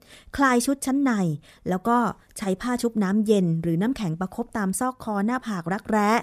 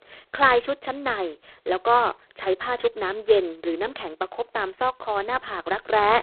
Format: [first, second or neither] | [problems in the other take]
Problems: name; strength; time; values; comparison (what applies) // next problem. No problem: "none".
first | phone-call audio; poor line; nothing above 4 kHz